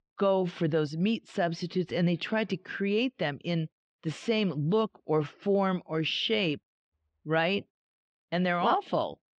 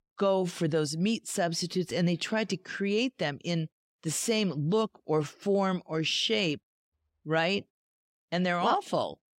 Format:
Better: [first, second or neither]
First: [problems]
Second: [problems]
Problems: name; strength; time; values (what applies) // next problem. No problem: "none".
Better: second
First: muffled; slightly; fading above 3.5 kHz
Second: none